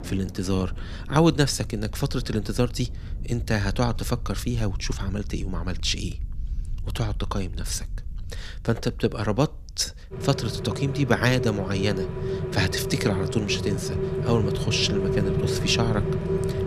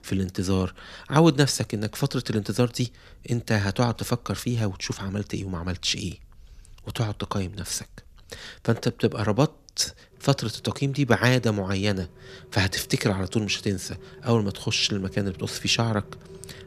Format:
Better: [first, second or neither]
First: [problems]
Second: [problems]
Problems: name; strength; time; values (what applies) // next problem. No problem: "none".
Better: second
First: rain or running water; loud; throughout; 5 dB below the speech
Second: rain or running water; faint; throughout; 25 dB below the speech